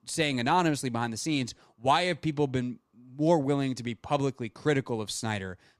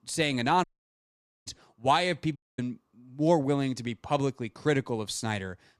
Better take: first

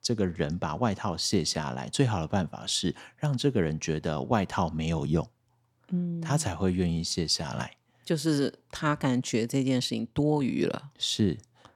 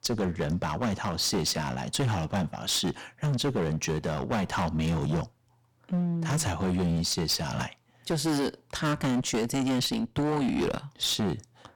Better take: first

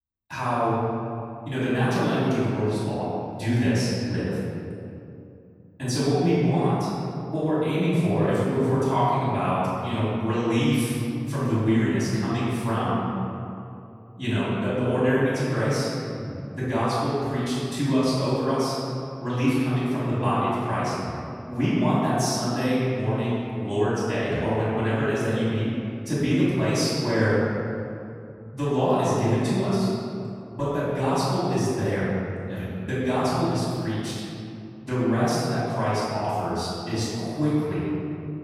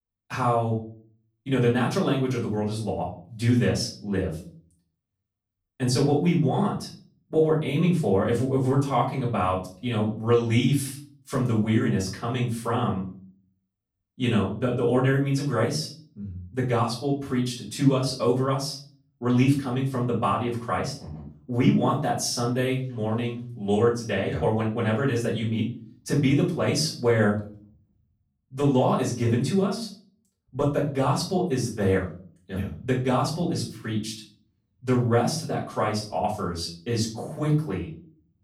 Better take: second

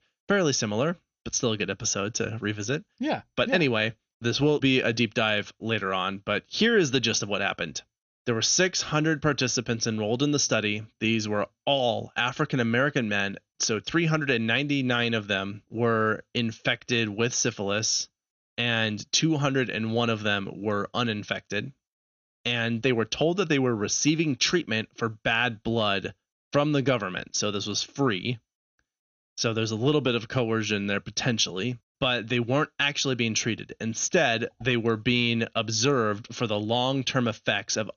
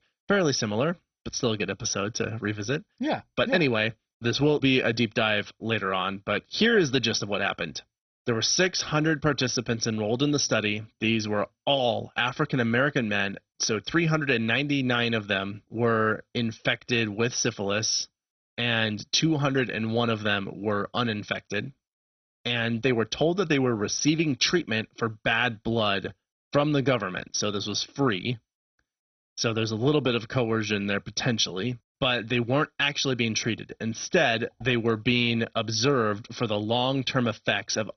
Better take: first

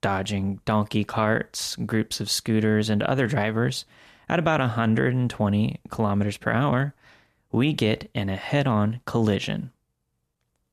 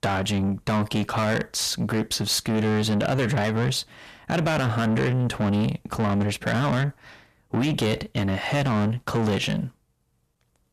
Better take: first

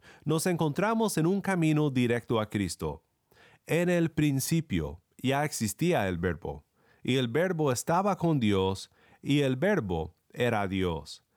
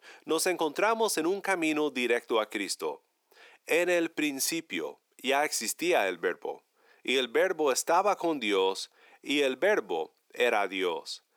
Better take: first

